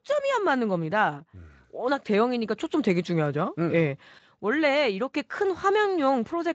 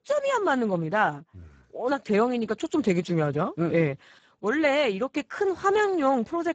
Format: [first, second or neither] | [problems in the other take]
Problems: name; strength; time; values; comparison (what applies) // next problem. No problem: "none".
first | garbled, watery; badly; nothing above 7.5 kHz; slightly in the first